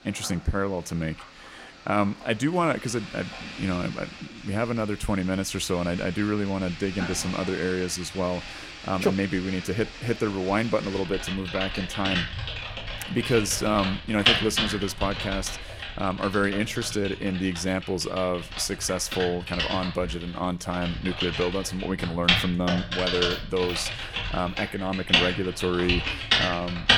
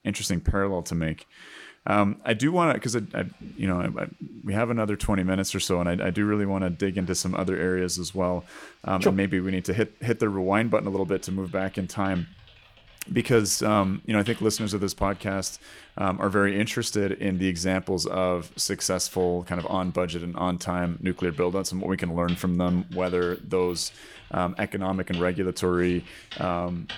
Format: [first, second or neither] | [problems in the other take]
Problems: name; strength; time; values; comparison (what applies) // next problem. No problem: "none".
second | household noises; loud; throughout; 2 dB below the speech; faint in the second